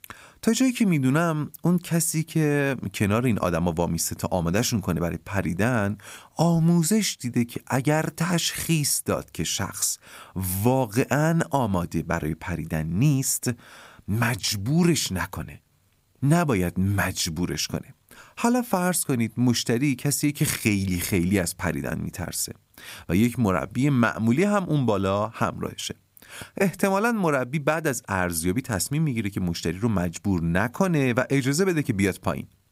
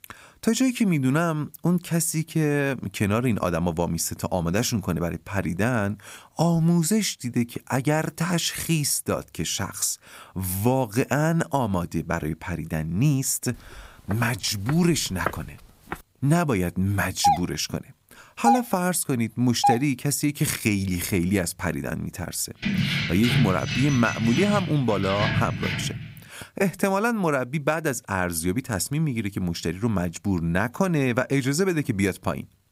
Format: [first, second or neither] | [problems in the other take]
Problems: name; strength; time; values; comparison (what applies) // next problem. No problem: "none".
first | footsteps; noticeable; from 14 to 16 s; peak 7 dB below the speech // doorbell; loud; from 17 to 20 s; peak 2 dB above the speech // jangling keys; loud; from 23 to 26 s; peak 1 dB above the speech